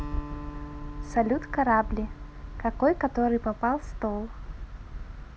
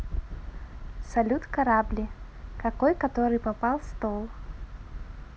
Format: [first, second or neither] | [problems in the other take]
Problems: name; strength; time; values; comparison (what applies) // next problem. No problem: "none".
second | background sound (Acoustic guitar); 17 dB below the speech